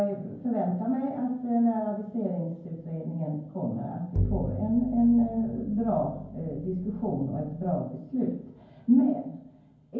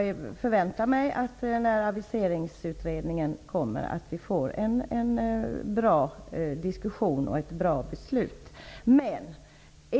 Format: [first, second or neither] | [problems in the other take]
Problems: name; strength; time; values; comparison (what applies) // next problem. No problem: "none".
second | background sound (Bowed string instrument); 7 dB below the speech // room echo; dies away in 0.9 s